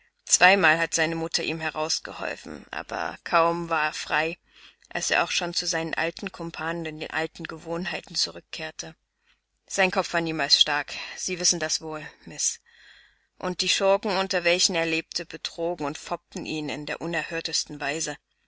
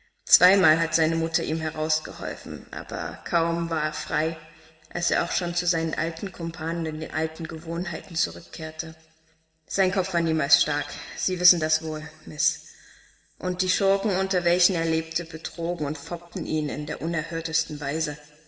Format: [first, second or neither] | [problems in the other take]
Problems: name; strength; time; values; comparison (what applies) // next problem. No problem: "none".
first | room echo; dies away in 1.4 s